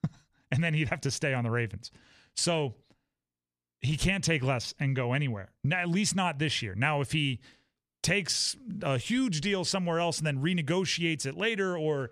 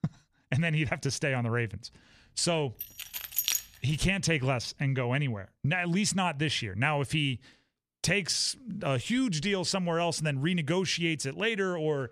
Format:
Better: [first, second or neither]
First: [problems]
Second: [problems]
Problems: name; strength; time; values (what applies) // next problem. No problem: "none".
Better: first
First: none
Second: jangling keys; loud; at 3 s; peak 1 dB above the speech